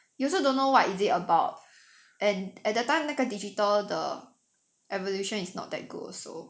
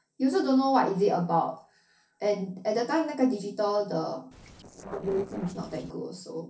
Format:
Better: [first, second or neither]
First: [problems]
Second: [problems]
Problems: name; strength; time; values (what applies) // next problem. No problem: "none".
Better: first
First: none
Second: noise reduction (neural separator model SepFormer DNS4)